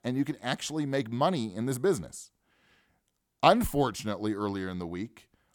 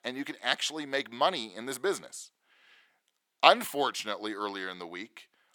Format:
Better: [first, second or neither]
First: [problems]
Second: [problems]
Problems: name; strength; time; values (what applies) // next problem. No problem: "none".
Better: first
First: none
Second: thin; somewhat; fading below 400 Hz